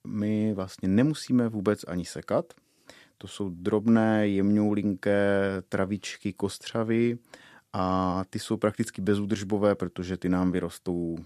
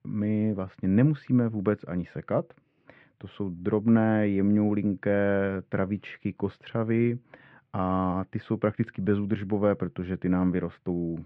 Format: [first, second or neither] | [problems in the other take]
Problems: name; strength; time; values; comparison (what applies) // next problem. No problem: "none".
first | muffled; very; fading above 2.5 kHz